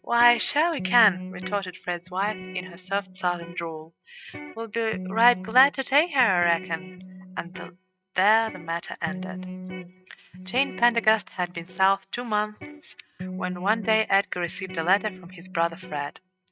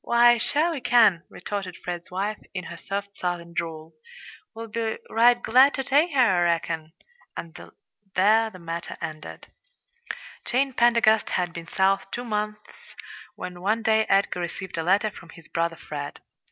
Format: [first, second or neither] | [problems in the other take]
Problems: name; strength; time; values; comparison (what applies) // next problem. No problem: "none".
second | noise reduction (neural mask model RNNoise)